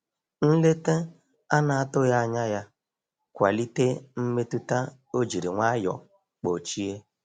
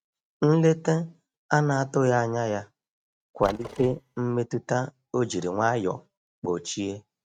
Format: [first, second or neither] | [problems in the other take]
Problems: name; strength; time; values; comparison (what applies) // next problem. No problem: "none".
first | noise reduction (neural mask model RNNoise)